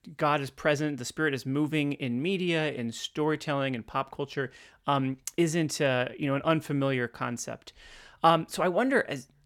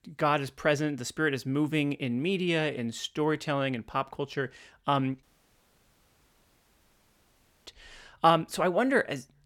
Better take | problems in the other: first | audio cutting out; at 5 s for 2.5 s

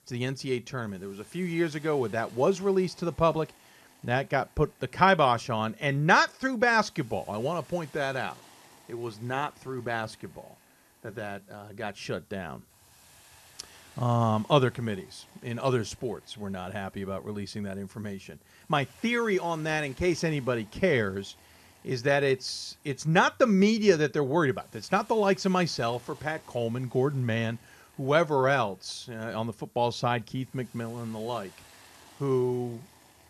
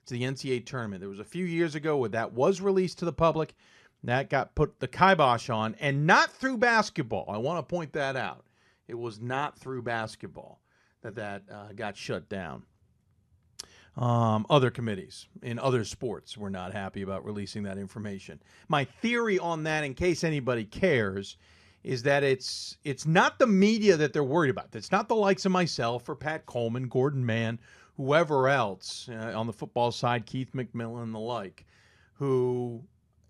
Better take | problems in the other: second | hiss; faint; throughout; 25 dB below the speech

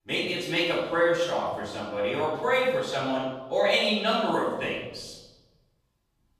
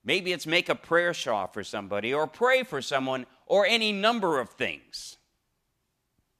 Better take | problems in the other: second | off-mic speech; far // room echo; noticeable; dies away in 1.1 s

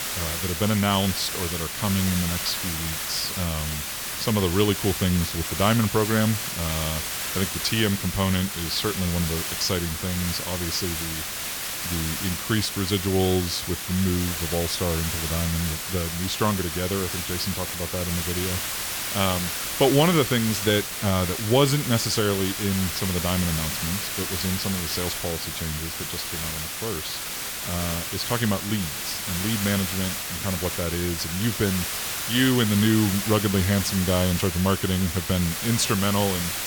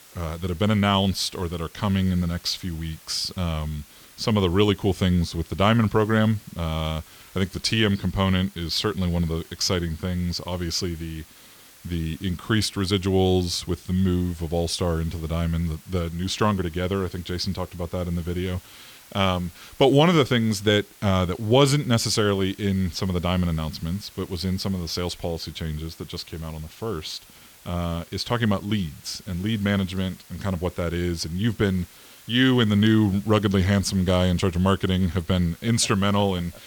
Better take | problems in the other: second | hiss; loud; throughout; 2 dB below the speech; faint in the second

